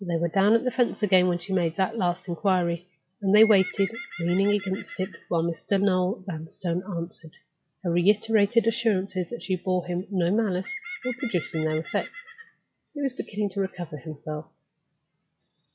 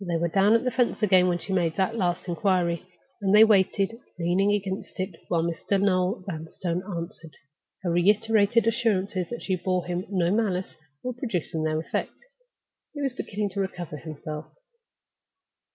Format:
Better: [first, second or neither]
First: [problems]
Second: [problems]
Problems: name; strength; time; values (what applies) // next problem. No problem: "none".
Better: second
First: noise reduction (classical method log-MMSE)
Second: none